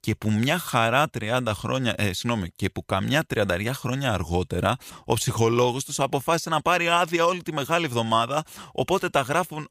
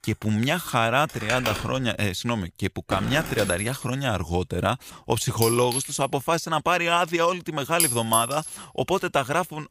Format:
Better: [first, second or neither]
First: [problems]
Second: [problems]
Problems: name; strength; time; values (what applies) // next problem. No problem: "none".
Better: first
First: none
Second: household noises; loud; throughout; 4 dB below the speech